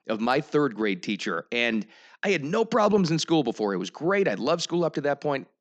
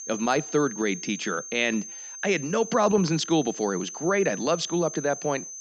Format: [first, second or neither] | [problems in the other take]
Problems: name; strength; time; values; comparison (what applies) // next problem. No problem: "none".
first | high-pitched whine; noticeable; throughout; 6.5 kHz, 10 dB below the speech